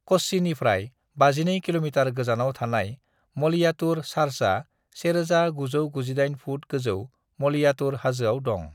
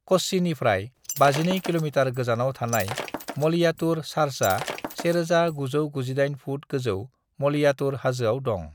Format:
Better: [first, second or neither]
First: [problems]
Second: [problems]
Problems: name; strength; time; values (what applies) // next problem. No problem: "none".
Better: first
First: none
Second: background sound (Shatter); 12 dB below the speech